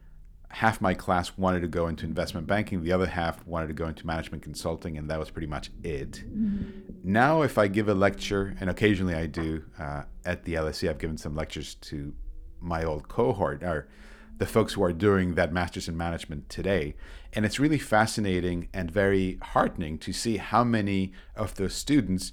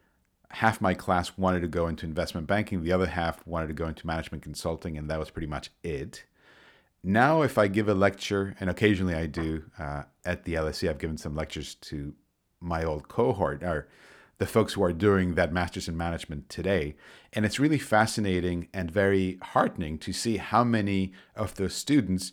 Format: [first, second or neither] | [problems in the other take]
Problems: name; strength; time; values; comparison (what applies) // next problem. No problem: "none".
second | low rumble; faint; throughout; 20 dB below the speech